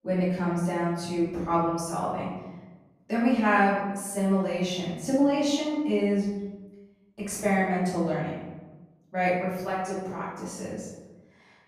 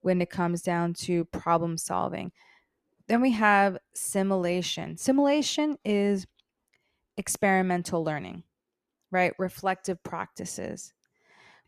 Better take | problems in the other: second | room echo; noticeable; dies away in 1 s // off-mic speech; far

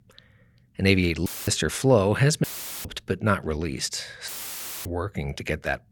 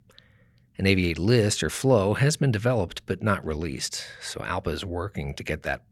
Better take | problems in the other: second | audio cutting out; filled with static; at 1.5 s, at 2.5 s and at 4.5 s for 0.5 s

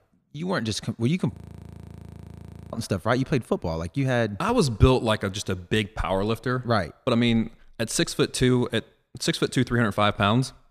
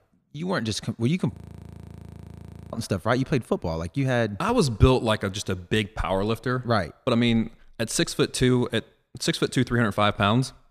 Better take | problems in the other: neither | audio freezing; at 1.5 s for 1.5 s; the same in both

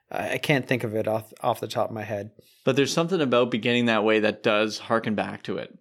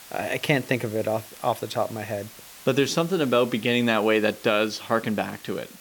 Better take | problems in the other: first | hiss; noticeable; throughout; 20 dB below the speech

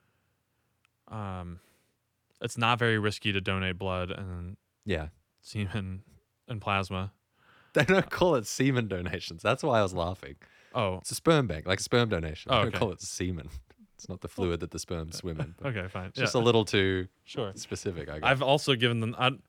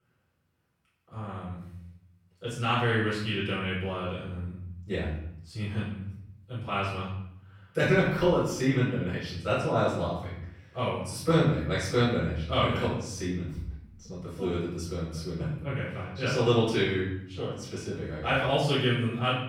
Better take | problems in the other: first | off-mic speech; far // room echo; noticeable; dies away in 0.8 s

